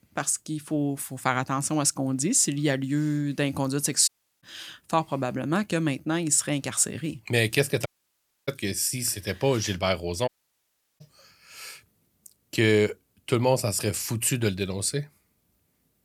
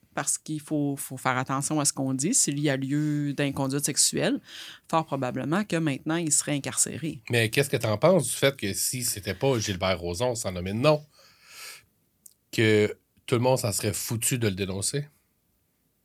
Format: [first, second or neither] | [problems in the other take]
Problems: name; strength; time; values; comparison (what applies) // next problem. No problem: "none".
second | audio cutting out; at 4 s, at 8 s for 0.5 s and at 10 s for 0.5 s